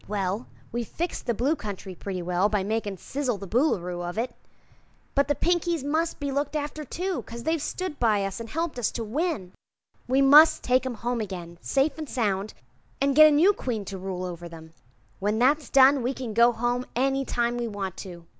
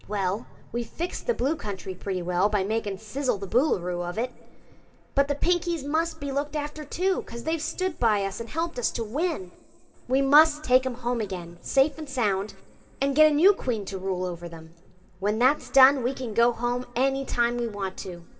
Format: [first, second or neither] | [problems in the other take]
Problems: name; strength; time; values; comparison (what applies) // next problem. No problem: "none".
first | room echo; dies away in 1.7 s